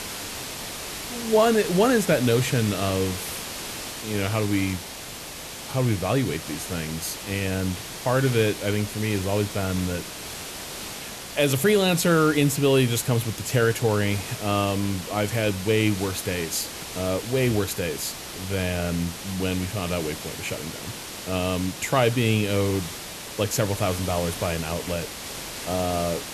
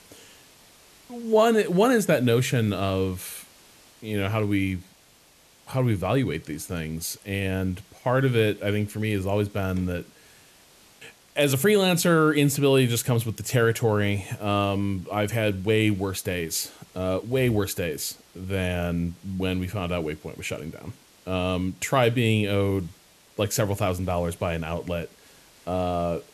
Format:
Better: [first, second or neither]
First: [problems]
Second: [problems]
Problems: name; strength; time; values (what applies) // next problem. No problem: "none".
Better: second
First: hiss; loud; throughout; 9 dB below the speech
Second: hiss; faint; throughout; 30 dB below the speech